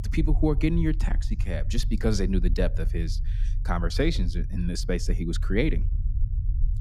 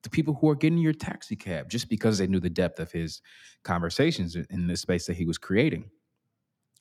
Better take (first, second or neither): second